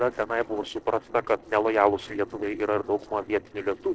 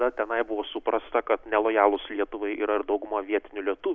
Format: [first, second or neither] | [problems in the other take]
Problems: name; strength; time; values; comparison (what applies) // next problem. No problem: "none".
second | noise reduction (neural separator model SepFormer DNS4)